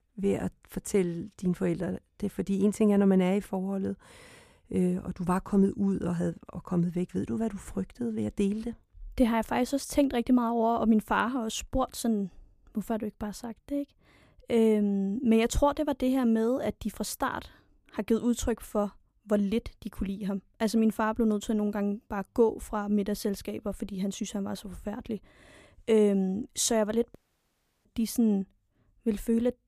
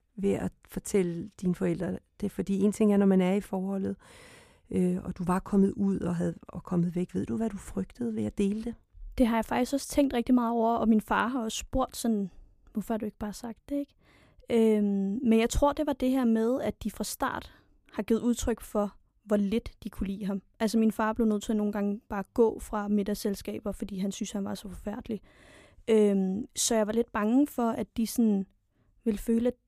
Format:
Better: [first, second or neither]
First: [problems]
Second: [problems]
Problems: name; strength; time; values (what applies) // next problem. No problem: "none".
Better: second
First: audio cutting out; at 27 s for 0.5 s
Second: none